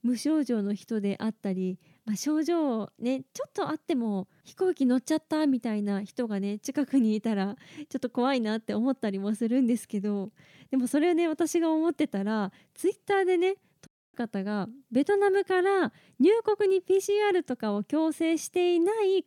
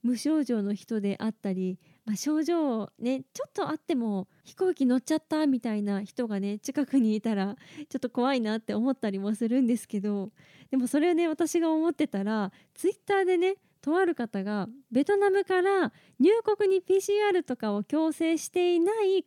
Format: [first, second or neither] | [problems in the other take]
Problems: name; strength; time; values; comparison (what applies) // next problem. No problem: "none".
second | audio cutting out; at 14 s